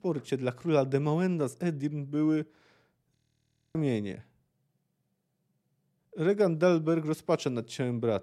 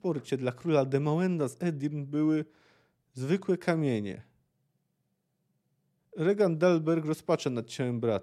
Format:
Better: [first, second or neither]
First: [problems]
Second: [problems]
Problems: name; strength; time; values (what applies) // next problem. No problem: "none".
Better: second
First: audio freezing; at 3 s for 0.5 s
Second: none